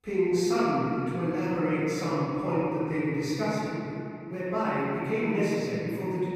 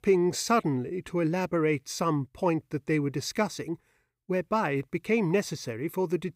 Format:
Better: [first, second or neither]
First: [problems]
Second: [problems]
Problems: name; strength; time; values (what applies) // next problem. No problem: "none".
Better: second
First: off-mic speech; far // room echo; strong; dies away in 2.8 s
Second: none